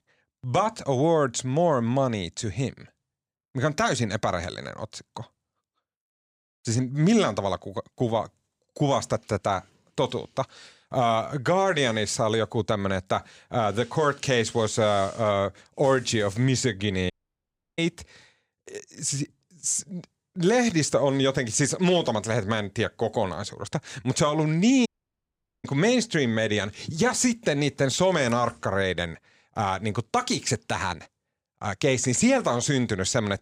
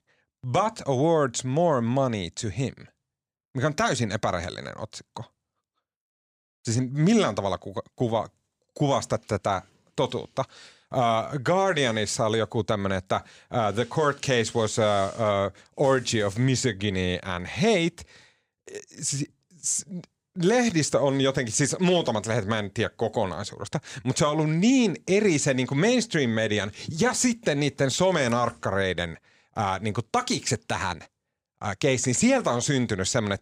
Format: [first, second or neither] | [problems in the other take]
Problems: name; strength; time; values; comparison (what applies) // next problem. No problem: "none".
second | audio cutting out; at 17 s for 0.5 s and at 25 s for 1 s